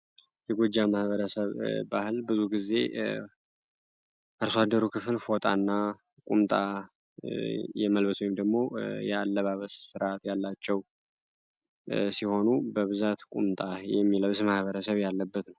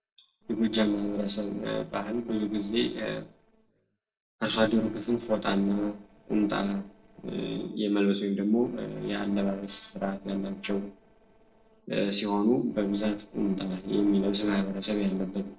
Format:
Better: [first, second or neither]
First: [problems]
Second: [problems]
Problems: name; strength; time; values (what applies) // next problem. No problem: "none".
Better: first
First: none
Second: noise reduction (neural separator model SepFormer DNS4)